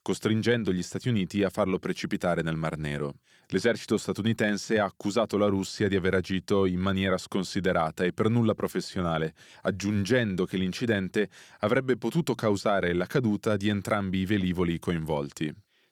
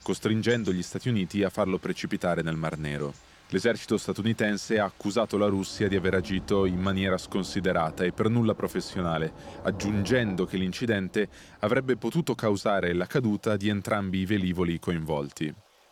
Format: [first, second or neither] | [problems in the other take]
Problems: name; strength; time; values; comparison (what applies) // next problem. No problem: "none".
first | rain or running water; noticeable; throughout; 20 dB below the speech